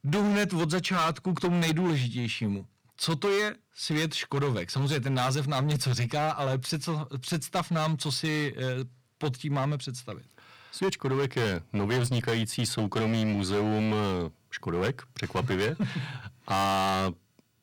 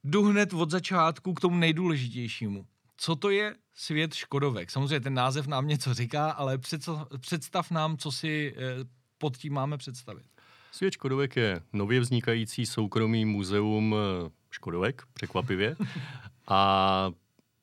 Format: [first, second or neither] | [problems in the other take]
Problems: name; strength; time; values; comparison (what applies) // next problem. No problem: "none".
second | distortion; heavy; 15% of the sound clipped